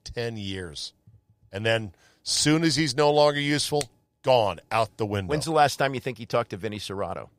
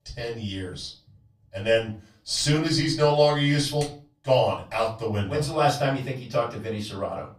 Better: first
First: none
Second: off-mic speech; far // room echo; slight; dies away in 0.3 s

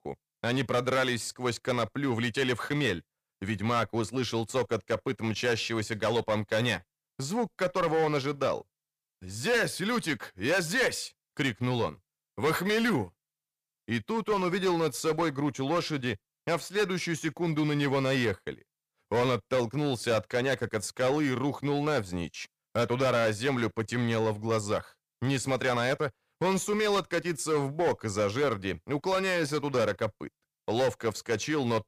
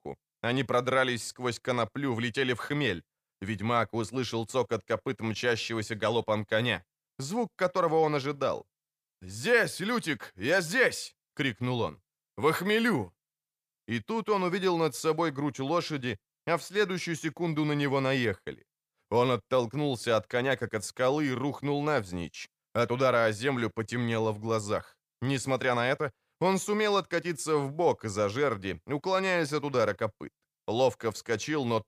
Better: second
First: distortion; slight; 8% of the sound clipped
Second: none

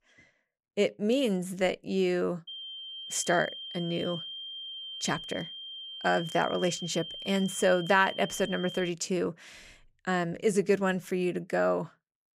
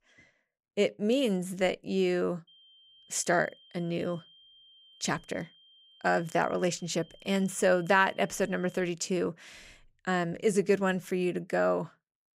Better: second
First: high-pitched whine; loud; from 2.5 to 9 s; 3 kHz, 10 dB below the speech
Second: high-pitched whine; faint; from 2.5 to 9 s; 3 kHz, 25 dB below the speech

